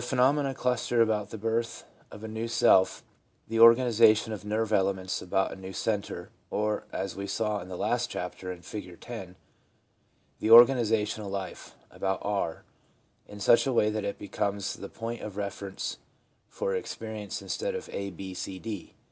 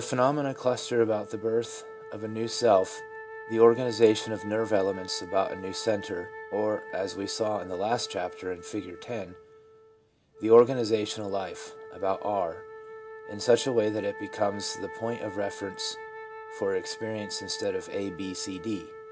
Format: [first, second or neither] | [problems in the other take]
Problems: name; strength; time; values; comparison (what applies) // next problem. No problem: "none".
first | background sound (Wind instrument, woodwind instrument); 14 dB below the speech